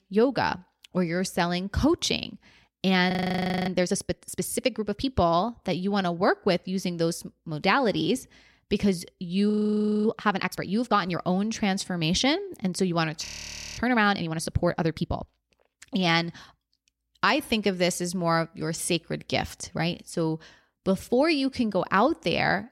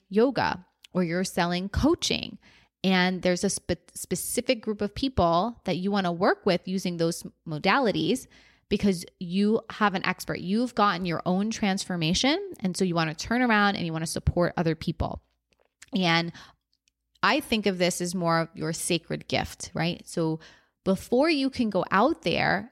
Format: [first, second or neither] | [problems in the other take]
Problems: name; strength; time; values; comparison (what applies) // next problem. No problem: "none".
second | audio freezing; at 3 s for 0.5 s, at 9.5 s for 0.5 s and at 13 s for 0.5 s